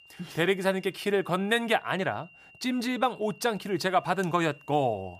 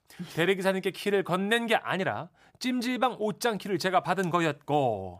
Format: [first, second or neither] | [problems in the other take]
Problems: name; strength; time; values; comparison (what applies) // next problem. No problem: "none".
second | high-pitched whine; faint; throughout; 3 kHz, 25 dB below the speech